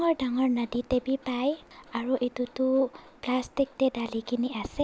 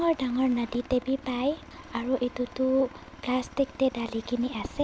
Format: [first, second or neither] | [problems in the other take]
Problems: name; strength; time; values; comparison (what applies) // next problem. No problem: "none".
first | background sound (Aircraft); 19 dB below the speech